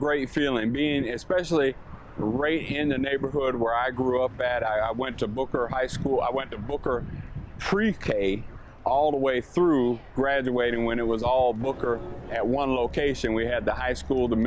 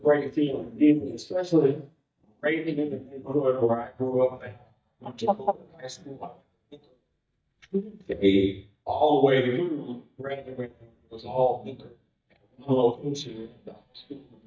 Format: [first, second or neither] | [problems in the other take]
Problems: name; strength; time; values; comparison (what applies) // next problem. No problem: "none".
first | noise reduction (neural mask model DeepFilterNet 3)